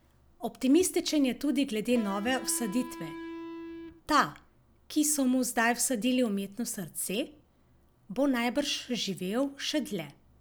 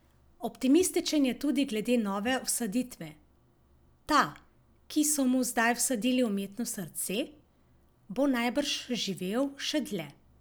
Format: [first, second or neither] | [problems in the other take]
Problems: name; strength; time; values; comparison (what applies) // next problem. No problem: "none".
second | background sound (Electric guitar); 12 dB below the speech